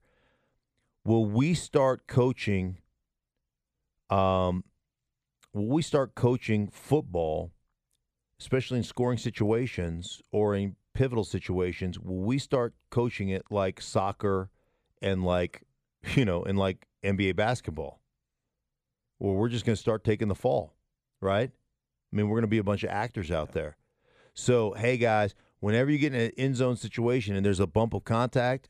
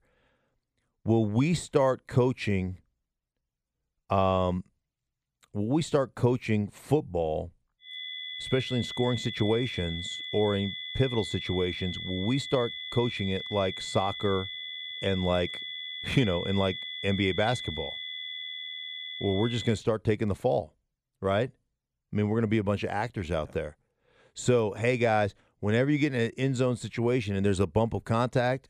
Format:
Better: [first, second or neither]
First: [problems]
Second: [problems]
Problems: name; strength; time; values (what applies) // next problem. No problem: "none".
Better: first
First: none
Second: high-pitched whine; loud; from 8 to 20 s; 3.5 kHz, 7 dB below the speech